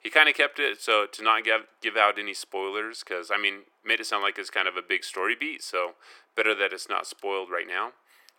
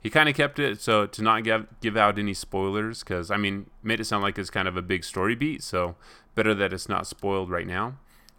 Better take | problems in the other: second | thin; very; fading below 350 Hz

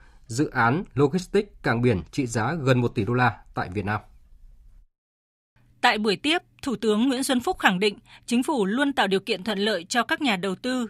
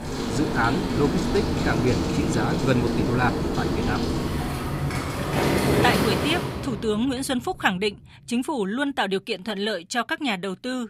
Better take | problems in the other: first | rain or running water; very loud; until 6 s; 1 dB above the speech

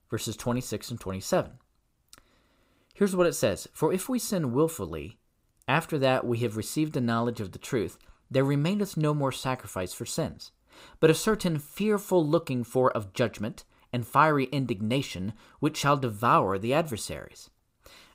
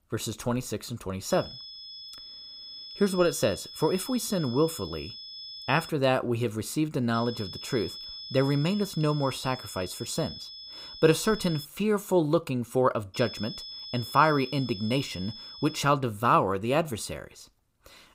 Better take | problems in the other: first | high-pitched whine; noticeable; from 1.5 to 6 s, from 7 to 12 s and from 13 to 16 s; 5 kHz, 10 dB below the speech

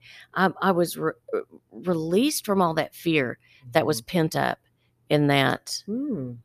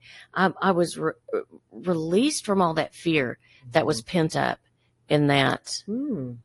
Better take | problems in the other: first | garbled, watery; slightly; nothing above 11 kHz

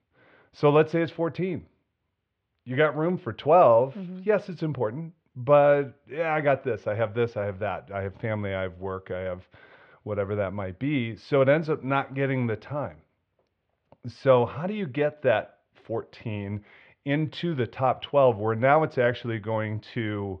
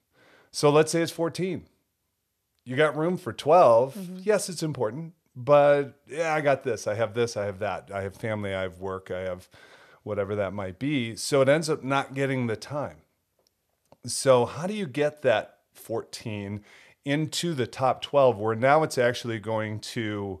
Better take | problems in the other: second | muffled; very; fading above 3 kHz

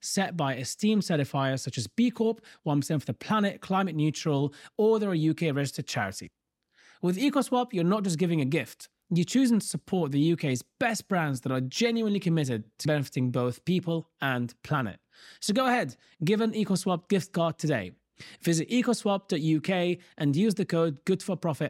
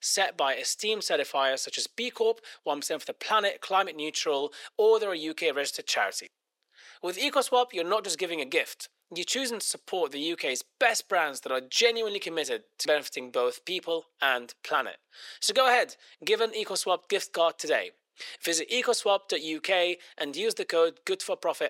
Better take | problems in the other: first | thin; very; fading below 450 Hz

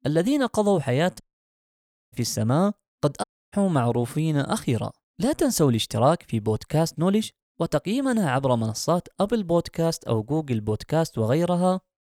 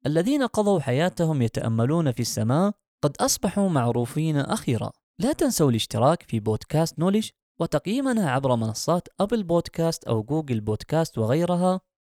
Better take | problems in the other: second | audio cutting out; at 1 s for 1 s and at 3 s

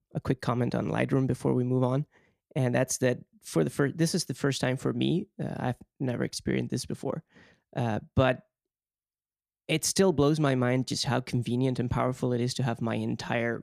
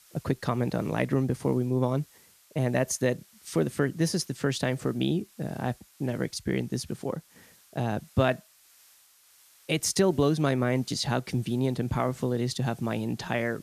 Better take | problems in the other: first | hiss; faint; throughout; 25 dB below the speech

